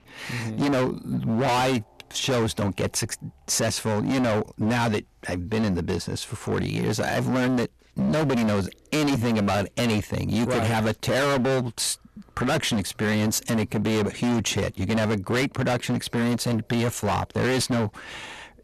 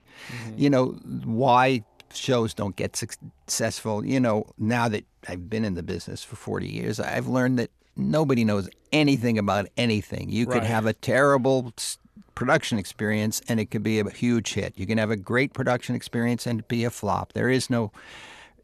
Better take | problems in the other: second | distortion; heavy; 26% of the sound clipped

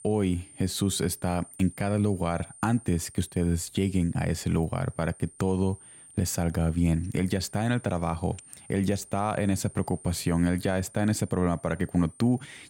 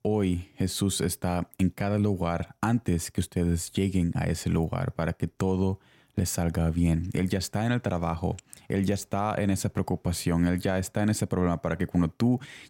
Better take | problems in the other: second | high-pitched whine; faint; throughout; 9 kHz, 20 dB below the speech

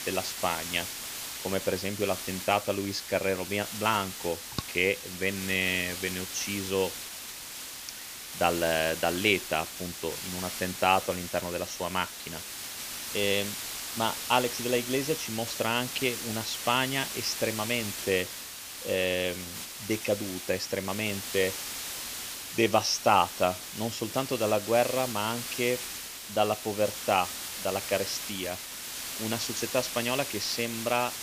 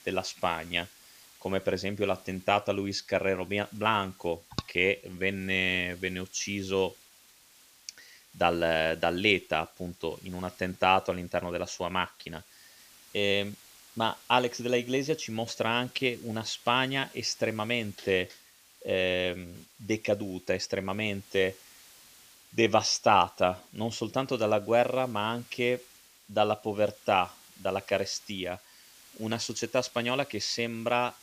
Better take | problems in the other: second | hiss; loud; throughout; 6 dB below the speech; faint in the second

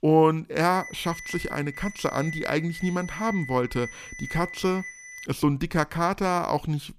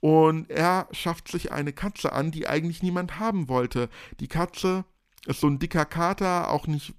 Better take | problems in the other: second | alarm; noticeable; from 0.5 to 5.5 s; peak 9 dB below the speech

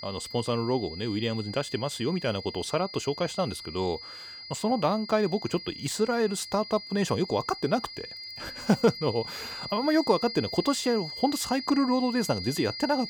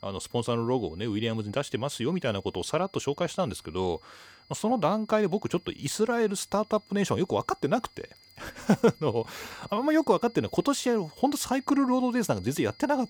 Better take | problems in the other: second | high-pitched whine; loud; throughout; 5 kHz, 10 dB below the speech; faint in the second

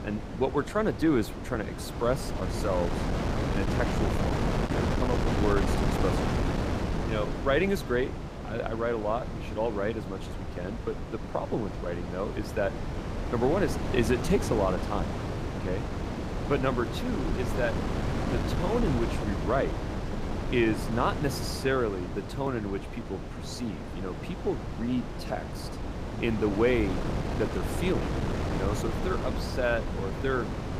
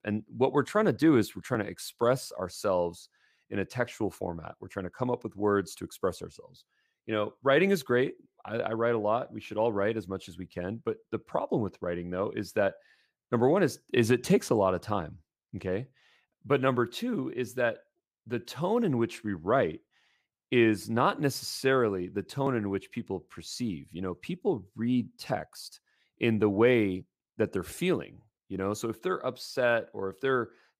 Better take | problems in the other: second | wind noise on the microphone; heavy; 4 dB below the speech

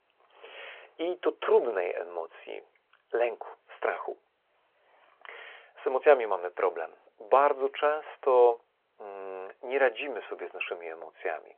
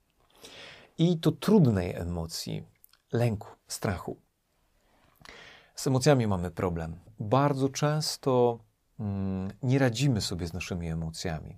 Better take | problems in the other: second | phone-call audio

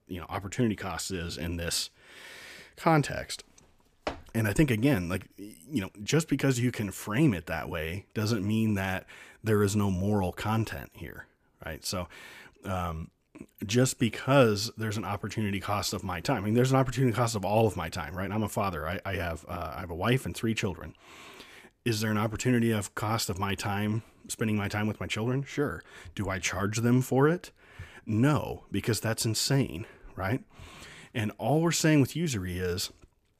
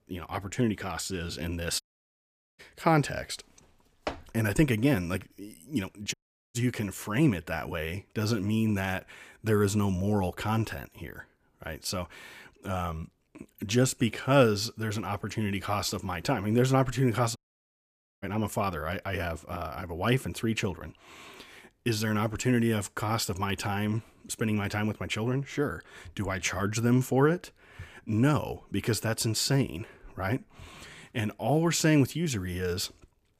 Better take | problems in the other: first | audio cutting out; at 2 s for 1 s, at 6 s and at 17 s for 1 s

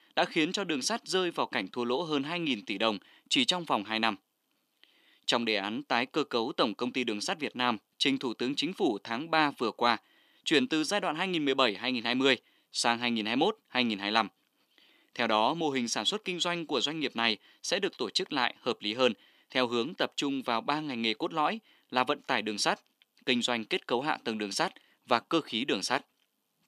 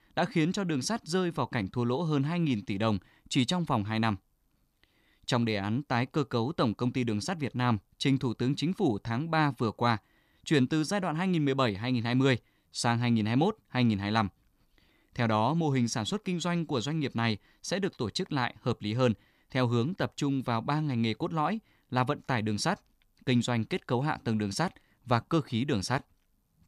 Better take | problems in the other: second | thin; somewhat; fading below 300 Hz

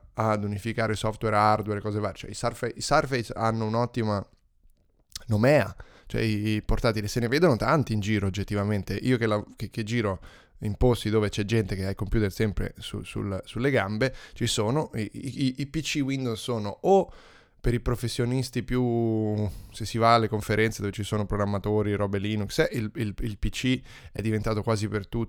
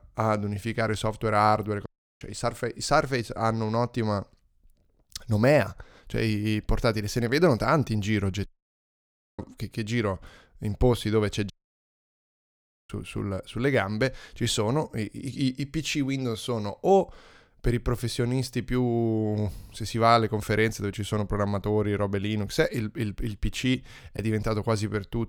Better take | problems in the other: first | audio cutting out; at 2 s, at 8.5 s for 1 s and at 12 s for 1.5 s

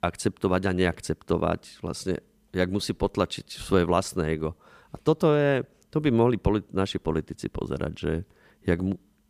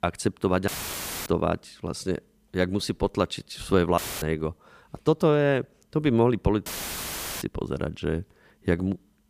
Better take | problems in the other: first | audio cutting out; filled with static; at 0.5 s for 0.5 s, at 4 s and at 6.5 s for 1 s

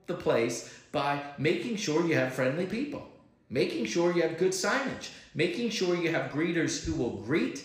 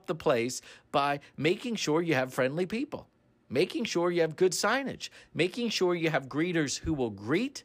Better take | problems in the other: second | room echo; slight; dies away in 0.7 s

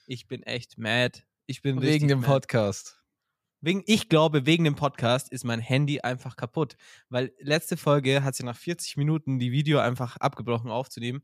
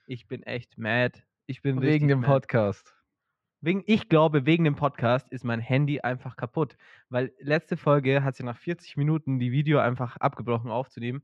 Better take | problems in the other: first | muffled; very; fading above 2 kHz

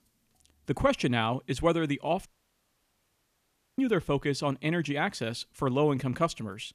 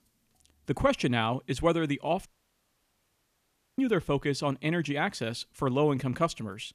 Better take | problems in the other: neither | audio cutting out; at 2.5 s for 1.5 s; the same in both

